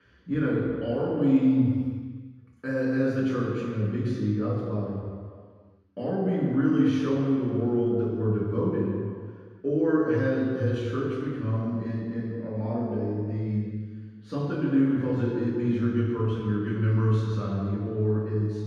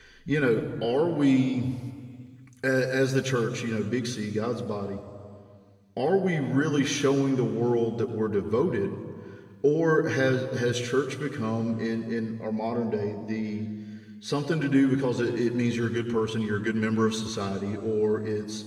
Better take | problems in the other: second | room echo; strong; dies away in 1.8 s; slight in the second // off-mic speech; far; somewhat distant in the second

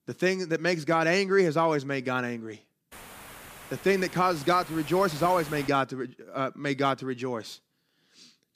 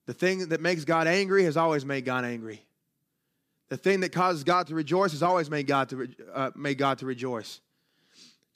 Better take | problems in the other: second | hiss; noticeable; from 3 to 5.5 s; 15 dB below the speech

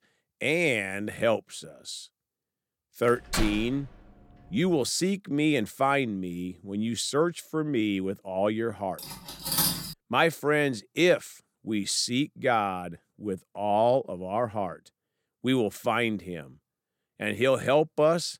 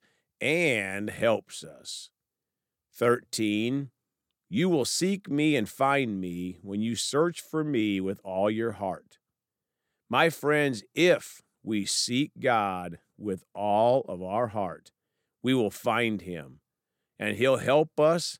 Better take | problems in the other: second | door banging; noticeable; at 3.5 s; peak 5 dB below the speech // clattering dishes; loud; at 9 s; peak 3 dB above the speech

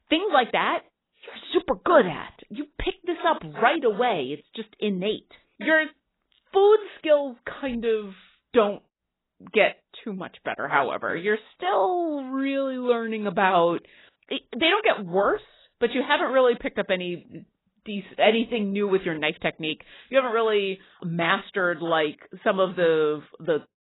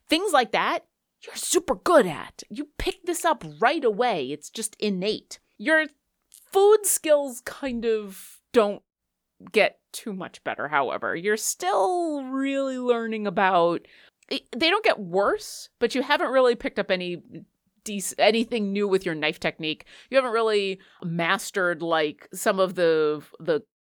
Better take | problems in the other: second | garbled, watery; badly; nothing above 4 kHz

